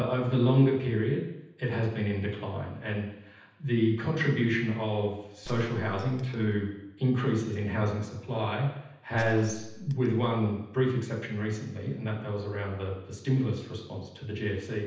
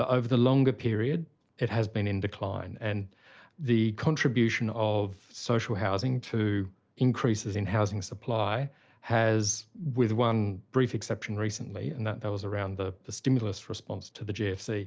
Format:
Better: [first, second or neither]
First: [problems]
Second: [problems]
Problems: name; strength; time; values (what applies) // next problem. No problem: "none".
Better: second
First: background sound (Gunshot, gunfire); 15 dB below the speech // room echo; dies away in 0.9 s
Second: none